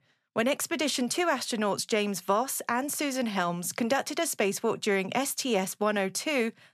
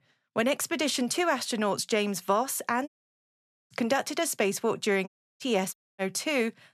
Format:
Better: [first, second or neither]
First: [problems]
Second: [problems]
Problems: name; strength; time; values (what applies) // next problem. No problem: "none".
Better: first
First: none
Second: audio cutting out; at 3 s for 1 s, at 5 s and at 5.5 s